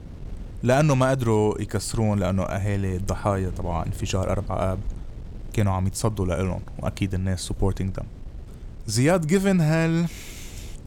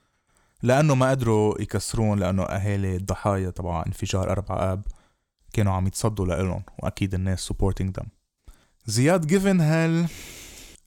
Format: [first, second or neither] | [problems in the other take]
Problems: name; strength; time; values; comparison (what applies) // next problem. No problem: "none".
second | wind noise on the microphone; occasional gusts; 25 dB below the speech